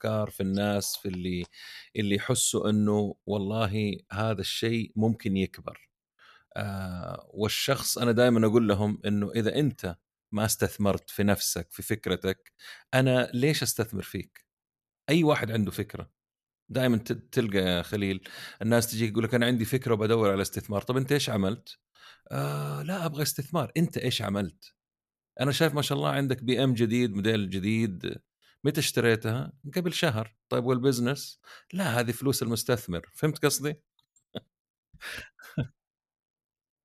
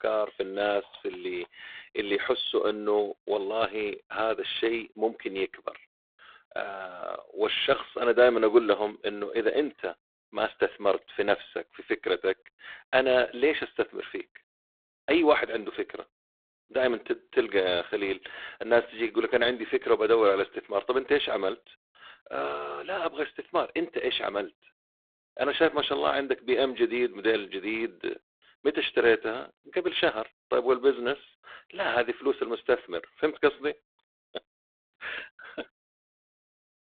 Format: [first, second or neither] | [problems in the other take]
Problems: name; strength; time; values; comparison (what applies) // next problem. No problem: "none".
first | phone-call audio; poor line